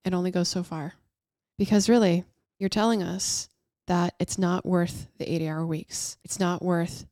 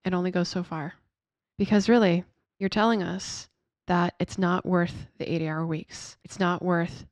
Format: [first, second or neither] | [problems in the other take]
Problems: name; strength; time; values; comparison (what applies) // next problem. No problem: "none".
first | muffled; slightly; fading above 3.5 kHz